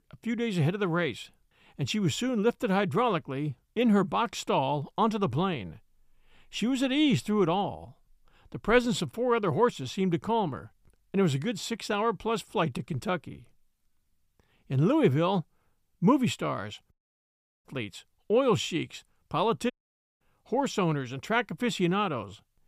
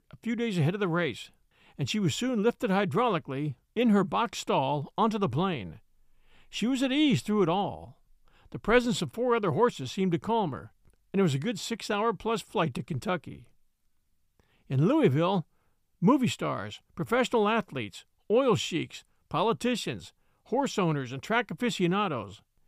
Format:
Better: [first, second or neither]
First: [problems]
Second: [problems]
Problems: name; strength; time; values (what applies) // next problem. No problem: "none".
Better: second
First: audio cutting out; at 17 s for 0.5 s and at 20 s for 0.5 s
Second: none